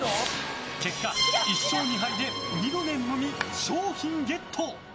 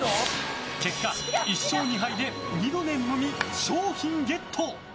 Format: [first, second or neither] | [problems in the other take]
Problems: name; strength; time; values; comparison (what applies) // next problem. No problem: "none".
second | background sound (Accordion); 1 dB below the speech